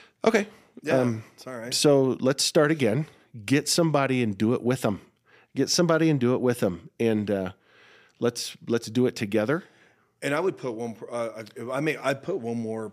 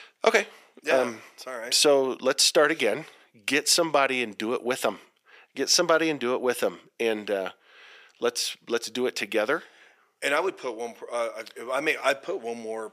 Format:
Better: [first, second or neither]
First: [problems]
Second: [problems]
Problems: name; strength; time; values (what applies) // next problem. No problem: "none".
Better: first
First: none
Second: thin; somewhat; fading below 500 Hz